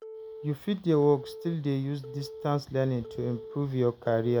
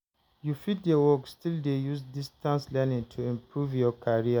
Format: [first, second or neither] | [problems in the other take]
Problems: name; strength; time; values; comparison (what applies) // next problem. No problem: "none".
second | background sound (Telephone); 16 dB below the speech